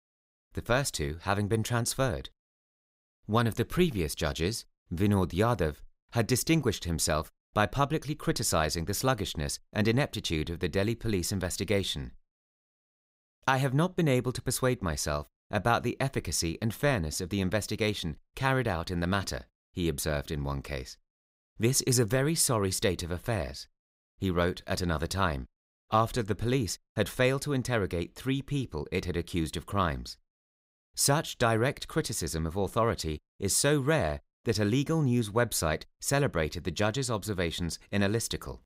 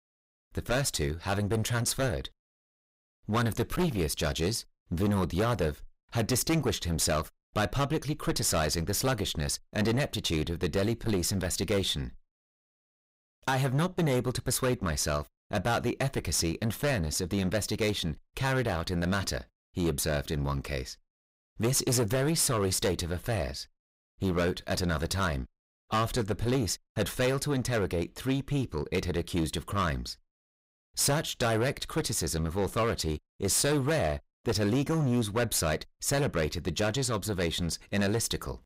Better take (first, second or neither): first